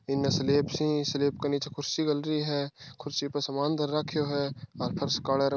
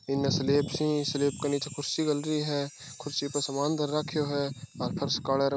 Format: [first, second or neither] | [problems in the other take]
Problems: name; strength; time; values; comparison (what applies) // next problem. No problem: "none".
first | background sound (Chime); 18 dB below the speech